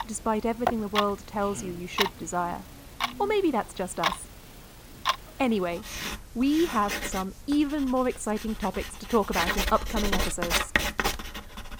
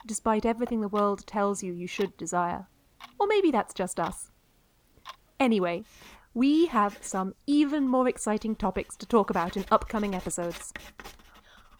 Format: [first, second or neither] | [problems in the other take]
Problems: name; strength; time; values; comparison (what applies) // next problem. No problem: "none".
second | household noises; loud; throughout; 2 dB below the speech; faint in the second